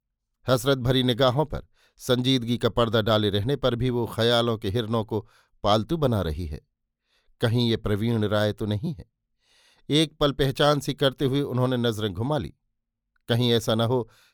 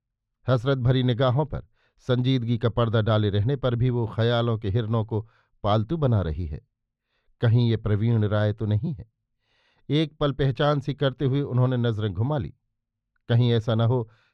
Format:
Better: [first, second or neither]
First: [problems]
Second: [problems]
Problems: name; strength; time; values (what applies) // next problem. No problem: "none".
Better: first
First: none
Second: muffled; slightly; fading above 3 kHz